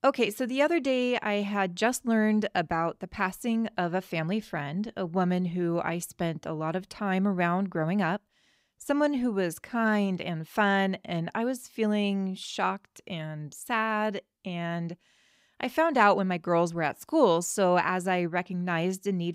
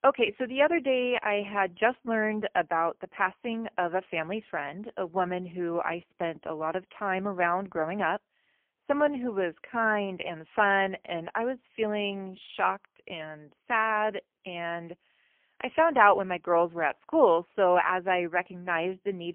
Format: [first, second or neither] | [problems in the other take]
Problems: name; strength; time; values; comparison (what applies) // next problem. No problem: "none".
first | phone-call audio; poor line; nothing above 3 kHz